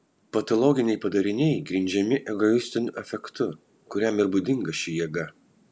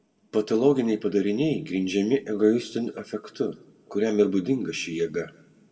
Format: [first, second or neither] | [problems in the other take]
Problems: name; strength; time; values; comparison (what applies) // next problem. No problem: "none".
first | room echo; dies away in 1.3 s